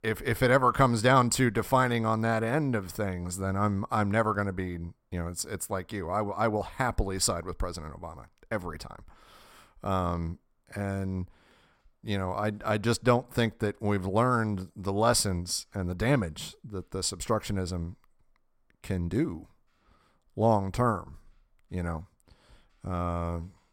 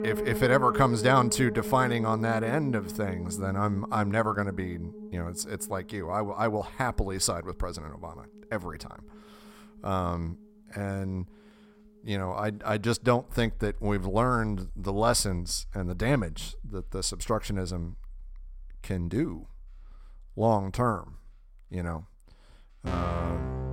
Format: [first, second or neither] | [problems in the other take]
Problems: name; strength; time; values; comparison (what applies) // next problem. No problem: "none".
first | background music; noticeable; throughout; 10 dB below the speech